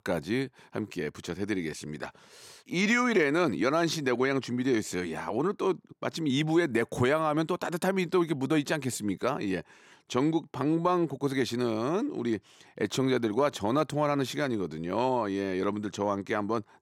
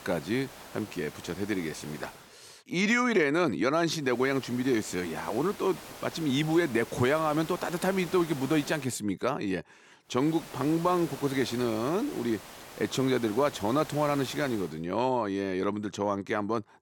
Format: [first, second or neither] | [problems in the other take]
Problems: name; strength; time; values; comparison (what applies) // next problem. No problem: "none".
first | hiss; noticeable; until 2 s, from 4 to 9 s and from 10 to 15 s; 15 dB below the speech